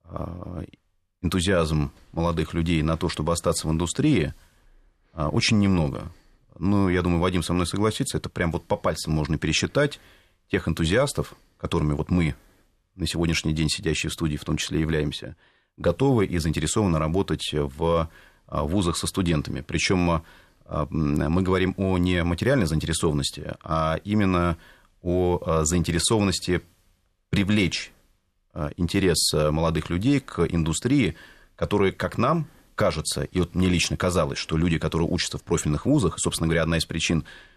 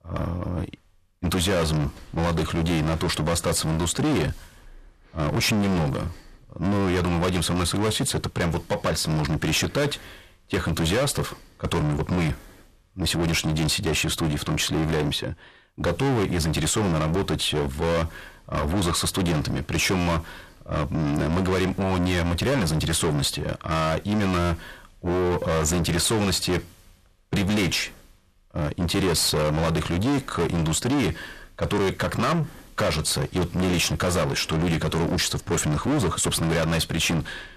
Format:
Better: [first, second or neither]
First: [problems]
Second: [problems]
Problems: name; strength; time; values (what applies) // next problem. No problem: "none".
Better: first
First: none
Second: distortion; heavy; 6 dB below the speech